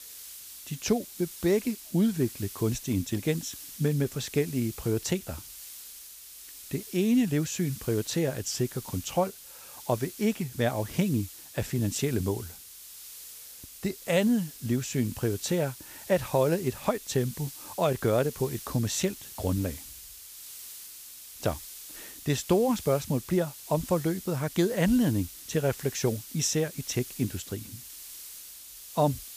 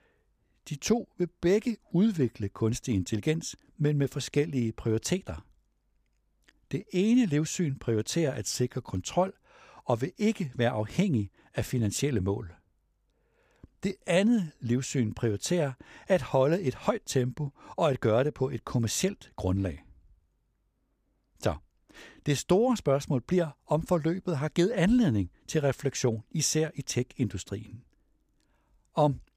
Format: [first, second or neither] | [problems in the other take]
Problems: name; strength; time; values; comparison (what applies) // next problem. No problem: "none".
second | hiss; noticeable; throughout; 15 dB below the speech